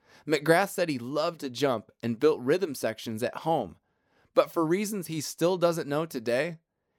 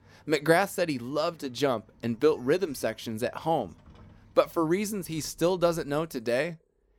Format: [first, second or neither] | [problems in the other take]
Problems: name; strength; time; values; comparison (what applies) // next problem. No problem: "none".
first | animal sounds; faint; throughout; 30 dB below the speech